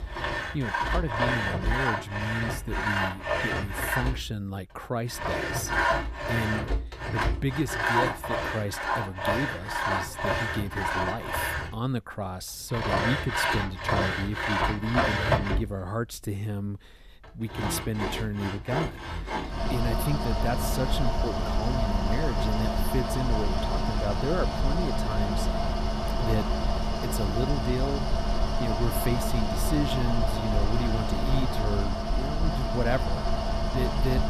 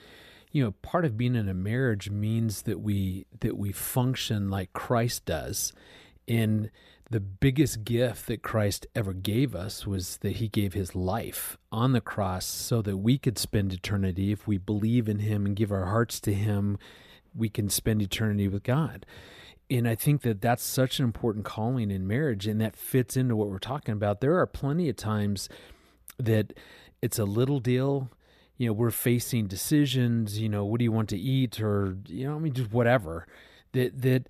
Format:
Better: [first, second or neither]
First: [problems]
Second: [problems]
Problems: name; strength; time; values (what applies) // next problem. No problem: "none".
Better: second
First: machinery noise; very loud; throughout; 3 dB above the speech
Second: none